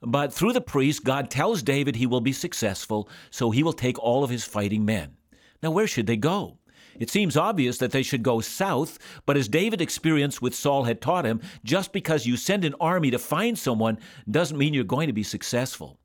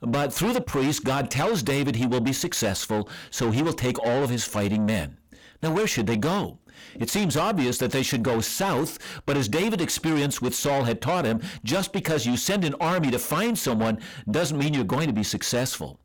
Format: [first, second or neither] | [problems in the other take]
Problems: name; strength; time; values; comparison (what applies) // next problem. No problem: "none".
first | distortion; heavy; 7 dB below the speech